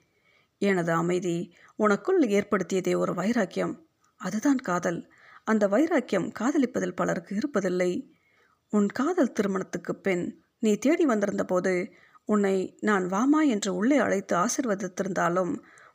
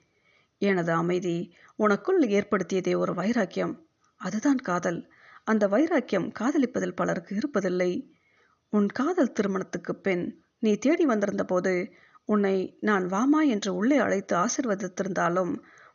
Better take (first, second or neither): first